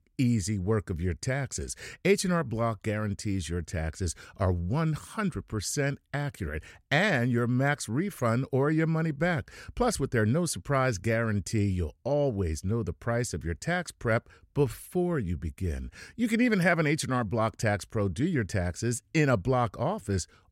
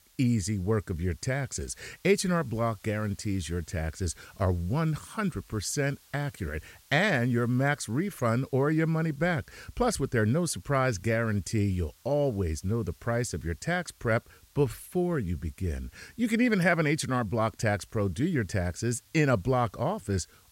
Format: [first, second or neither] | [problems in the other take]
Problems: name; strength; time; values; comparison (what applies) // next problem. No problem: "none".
first | hiss; faint; throughout; 30 dB below the speech